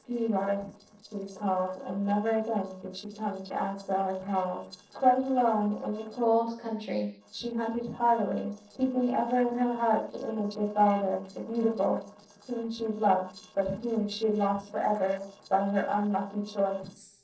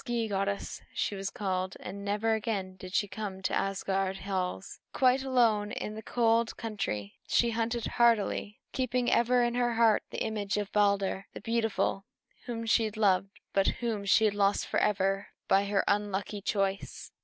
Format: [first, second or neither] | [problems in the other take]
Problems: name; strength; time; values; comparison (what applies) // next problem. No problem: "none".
second | noise reduction (neural separator model SepFormer DNS4)